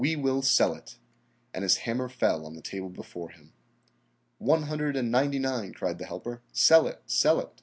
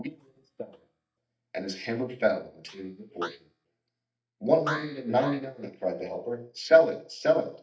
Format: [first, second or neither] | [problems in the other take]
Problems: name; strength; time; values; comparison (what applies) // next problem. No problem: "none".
first | noise reduction (neural mask model DeepFilterNet 3)